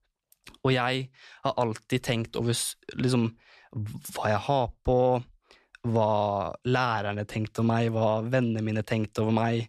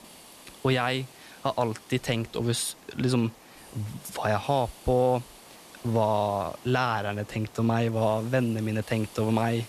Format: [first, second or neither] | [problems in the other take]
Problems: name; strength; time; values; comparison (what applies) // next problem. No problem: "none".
first | hiss; faint; throughout; 20 dB below the speech